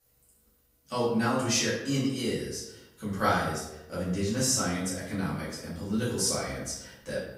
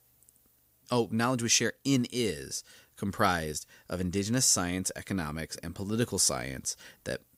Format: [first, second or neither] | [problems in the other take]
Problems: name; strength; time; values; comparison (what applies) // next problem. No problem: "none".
second | room echo; noticeable; dies away in 0.8 s // off-mic speech; far